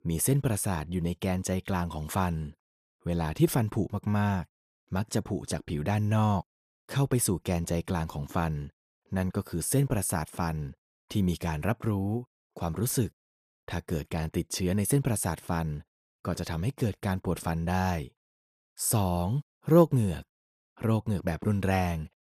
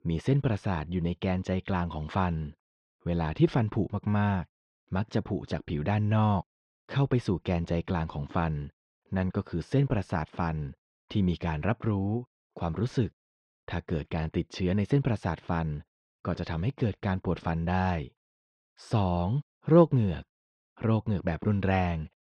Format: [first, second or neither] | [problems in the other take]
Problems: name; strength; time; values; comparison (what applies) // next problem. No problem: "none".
first | muffled; slightly; fading above 4 kHz